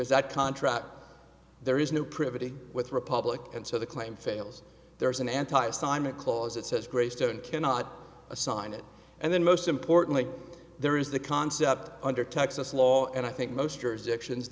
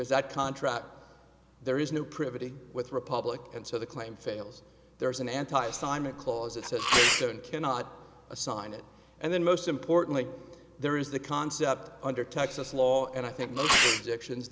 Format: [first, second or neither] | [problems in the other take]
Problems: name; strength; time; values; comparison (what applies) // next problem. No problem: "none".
first | background sound (Sneeze); 2 dB above the speech